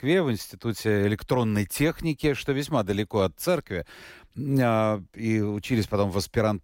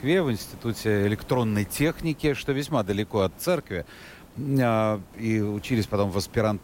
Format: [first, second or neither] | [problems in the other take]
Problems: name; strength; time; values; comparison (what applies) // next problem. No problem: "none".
first | hiss; faint; throughout; 20 dB below the speech